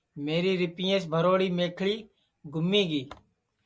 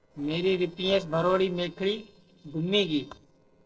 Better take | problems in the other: first | noise reduction (neural separator model SepFormer DNS4)

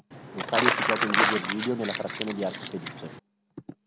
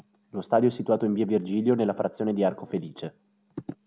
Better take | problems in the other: second | background sound (Crumpling, crinkling); 4 dB above the speech

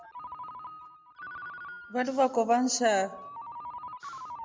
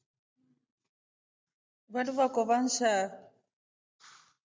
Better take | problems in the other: second | background sound (Ringtone); 12 dB below the speech

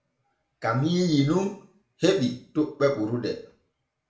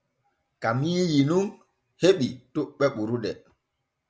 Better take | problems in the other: second | room echo; dies away in 0.4 s

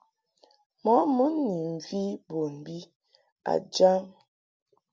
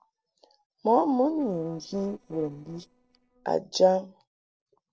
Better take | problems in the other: first | noise reduction (neural separator model SepFormer DNS4)

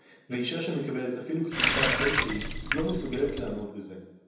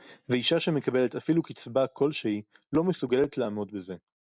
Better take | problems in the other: second | background sound (Water tap, faucet); 3 dB above the speech // room echo; dies away in 0.9 s

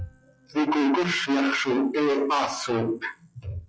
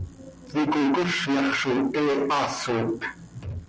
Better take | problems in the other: second | noise reduction (classical method log-MMSE)

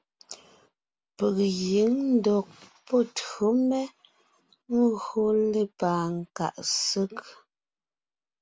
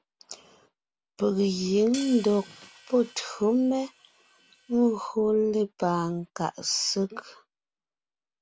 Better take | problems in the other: first | background sound (Hi-hat); 20 dB below the speech

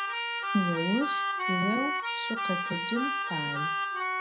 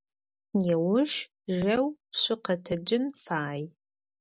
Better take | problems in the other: second | background sound (Keyboard (musical)); 2 dB above the speech // room echo; dies away in 0.2 s

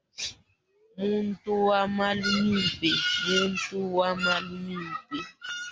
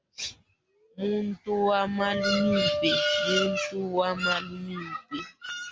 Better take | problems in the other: first | background sound (Wind instrument, woodwind instrument); 3 dB below the speech

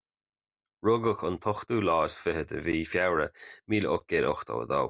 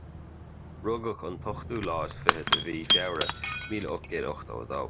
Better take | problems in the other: first | background sound (Shatter / Crushing); 2 dB above the speech

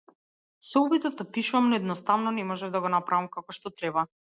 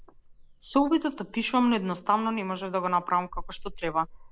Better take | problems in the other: first | background sound (Dog); 16 dB below the speech

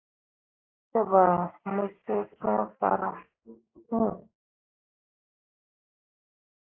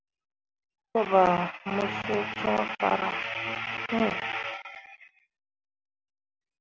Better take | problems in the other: second | noise reduction (neural mask model Resemble Enhance denoiser)

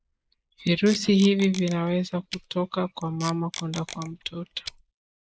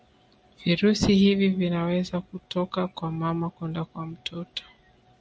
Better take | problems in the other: second | noise reduction (neural mask model Resemble Enhance denoiser)

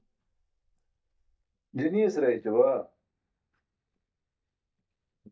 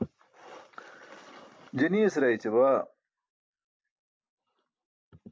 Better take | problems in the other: second | noise reduction (neural mask model DeepFilterNet 3)

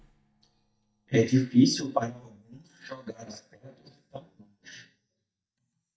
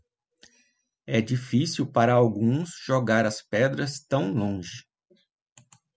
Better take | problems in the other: second | noise reduction (neural mask model DeepFilterNet 3)

